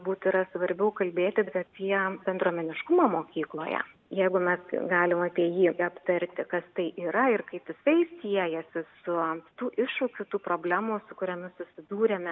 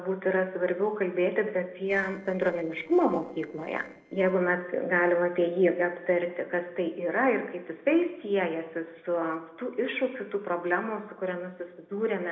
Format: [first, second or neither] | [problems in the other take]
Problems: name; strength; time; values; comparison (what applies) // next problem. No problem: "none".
first | noise reduction (neural separator model SepFormer DNS4)